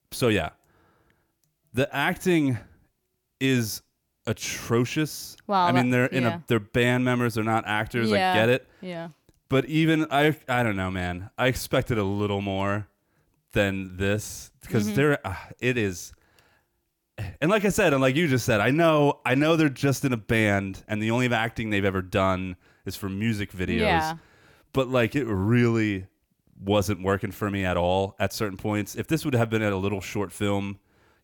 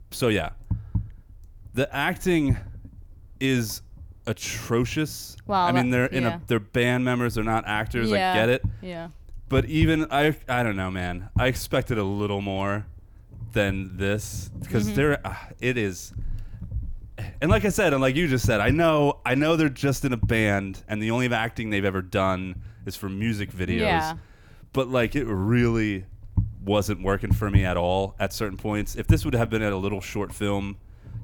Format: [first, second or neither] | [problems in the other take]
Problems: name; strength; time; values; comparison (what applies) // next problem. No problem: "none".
first | wind noise on the microphone; occasional gusts; 20 dB below the speech